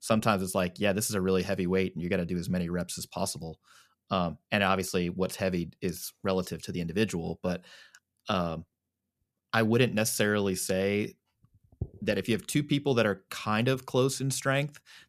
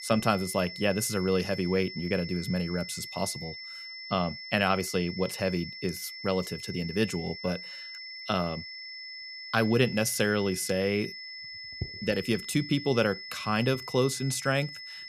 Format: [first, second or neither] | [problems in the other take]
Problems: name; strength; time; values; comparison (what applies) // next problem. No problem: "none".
first | high-pitched whine; loud; throughout; 2 kHz, 10 dB below the speech